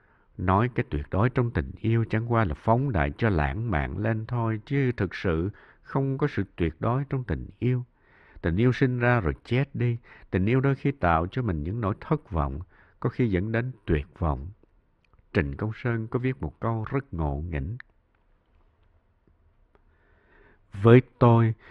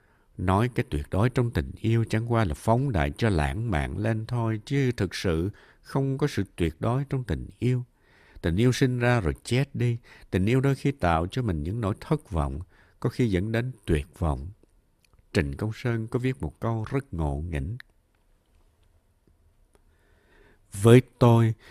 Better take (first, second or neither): second